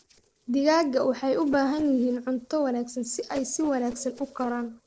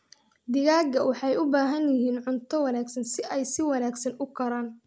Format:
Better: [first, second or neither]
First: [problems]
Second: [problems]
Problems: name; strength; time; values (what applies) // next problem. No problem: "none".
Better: second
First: noise reduction (neural separator model SepFormer DNS4)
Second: none